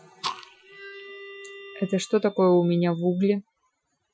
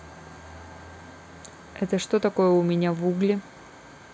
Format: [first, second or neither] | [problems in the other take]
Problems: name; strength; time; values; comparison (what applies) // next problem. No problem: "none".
second | noise reduction (classical method Wiener filter)